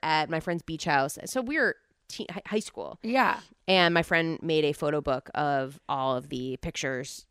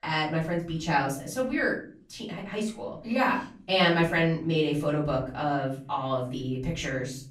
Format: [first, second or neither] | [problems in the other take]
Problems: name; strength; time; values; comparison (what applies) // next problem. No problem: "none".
first | off-mic speech; far // room echo; slight; dies away in 0.6 s